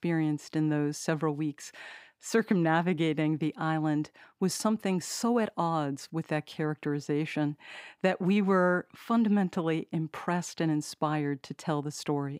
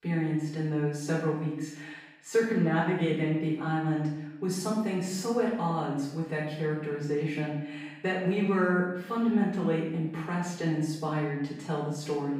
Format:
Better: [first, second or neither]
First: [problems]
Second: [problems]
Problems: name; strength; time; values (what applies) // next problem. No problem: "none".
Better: first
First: none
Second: off-mic speech; far // room echo; noticeable; dies away in 0.8 s